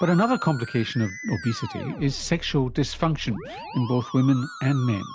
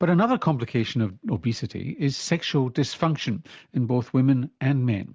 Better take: second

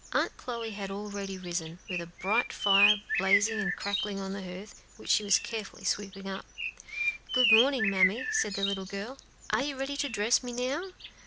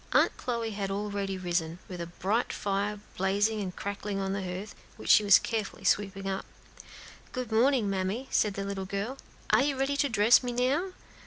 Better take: second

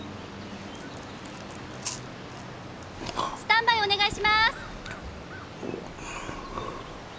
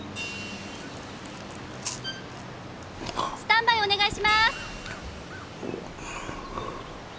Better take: first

